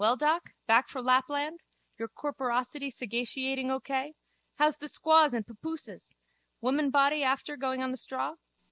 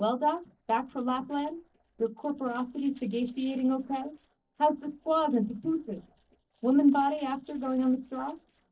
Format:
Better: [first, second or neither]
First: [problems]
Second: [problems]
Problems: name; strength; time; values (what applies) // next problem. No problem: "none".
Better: first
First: none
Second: noise reduction (neural separator model SepFormer DNS4)